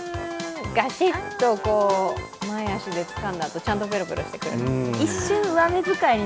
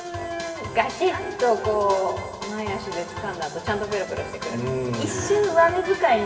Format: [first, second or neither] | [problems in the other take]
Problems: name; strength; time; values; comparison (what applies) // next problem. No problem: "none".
first | room echo; dies away in 2.7 s